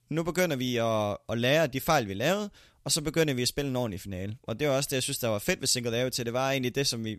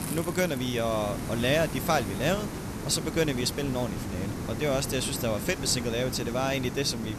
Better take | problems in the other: first | hiss; loud; throughout; 6 dB below the speech

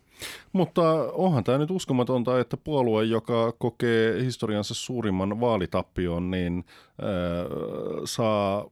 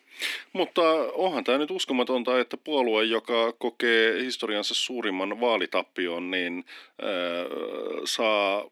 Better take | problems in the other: first | thin; somewhat; fading below 250 Hz

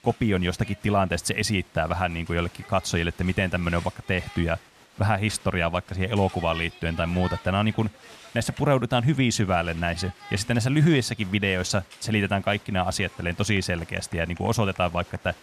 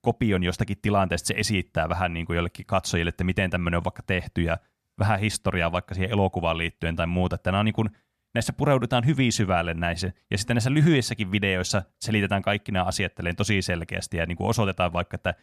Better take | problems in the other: second | crowd noise; faint; throughout; 20 dB below the speech

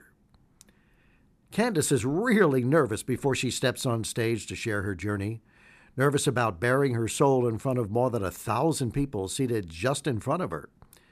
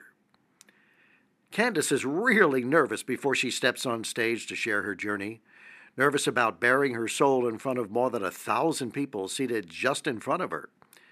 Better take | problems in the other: first | thin; very slightly; fading below 250 Hz

